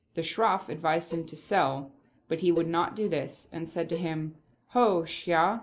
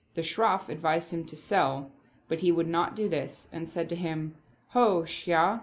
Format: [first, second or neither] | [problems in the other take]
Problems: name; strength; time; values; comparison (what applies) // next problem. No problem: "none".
second | noise reduction (neural separator model SepFormer DNS4)